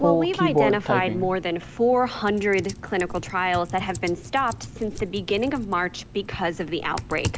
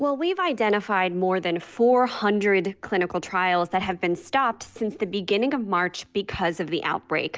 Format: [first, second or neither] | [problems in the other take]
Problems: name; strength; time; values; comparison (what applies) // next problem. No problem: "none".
second | background sound (Typing); 4 dB below the speech